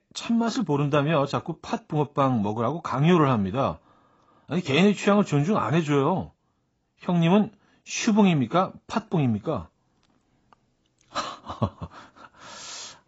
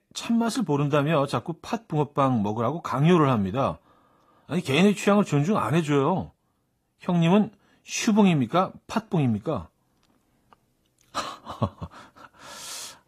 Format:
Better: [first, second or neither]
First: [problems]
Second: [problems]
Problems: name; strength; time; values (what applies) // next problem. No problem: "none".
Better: second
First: garbled, watery; badly; nothing above 7.5 kHz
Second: garbled, watery; slightly; nothing above 14.5 kHz